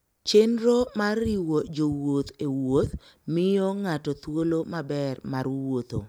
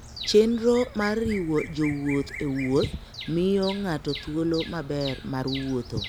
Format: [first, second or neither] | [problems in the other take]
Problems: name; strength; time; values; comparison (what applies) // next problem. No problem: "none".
first | background sound (Bird vocalization, bird call, bird song); 13 dB below the speech